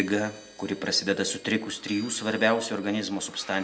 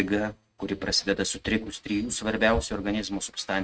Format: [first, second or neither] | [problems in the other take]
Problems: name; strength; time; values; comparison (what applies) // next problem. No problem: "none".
first | noise reduction (neural mask model RNNoise)